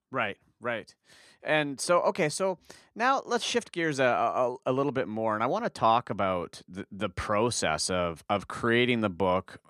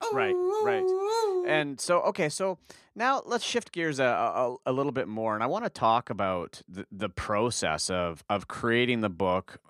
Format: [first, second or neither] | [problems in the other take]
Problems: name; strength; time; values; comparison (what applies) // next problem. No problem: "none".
first | dog barking; loud; until 1.5 s; peak 2 dB above the speech